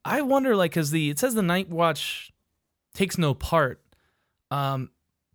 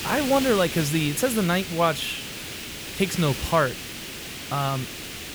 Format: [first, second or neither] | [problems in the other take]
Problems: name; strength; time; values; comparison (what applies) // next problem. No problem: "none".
first | hiss; loud; throughout; 8 dB below the speech